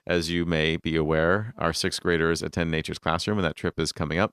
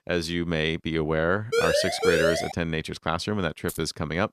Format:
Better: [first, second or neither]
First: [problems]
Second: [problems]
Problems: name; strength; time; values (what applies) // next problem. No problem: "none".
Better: first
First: none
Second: siren; loud; from 1.5 to 2.5 s; peak 4 dB above the speech // jangling keys; faint; at 3.5 s; peak 15 dB below the speech